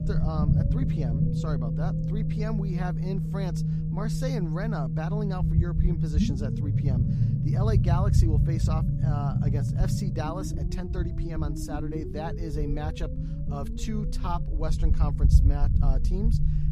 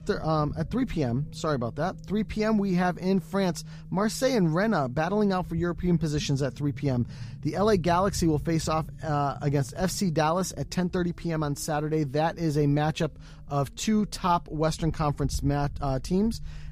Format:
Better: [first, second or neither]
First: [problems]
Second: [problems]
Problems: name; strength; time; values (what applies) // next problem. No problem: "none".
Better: second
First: low rumble; loud; throughout; 1 dB below the speech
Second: low rumble; faint; throughout; 25 dB below the speech